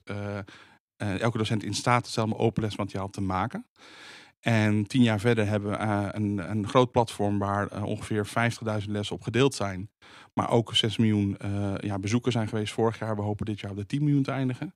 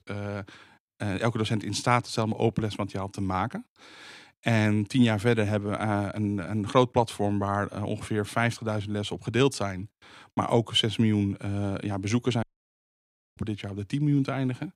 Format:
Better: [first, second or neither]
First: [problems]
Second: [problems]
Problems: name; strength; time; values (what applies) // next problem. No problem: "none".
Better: first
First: none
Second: audio cutting out; at 12 s for 1 s